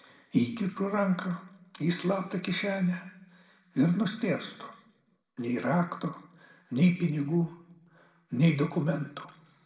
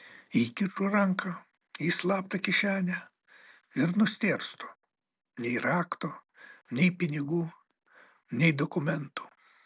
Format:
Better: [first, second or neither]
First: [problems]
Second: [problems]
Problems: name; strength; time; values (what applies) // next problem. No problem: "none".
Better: second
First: room echo; dies away in 0.7 s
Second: none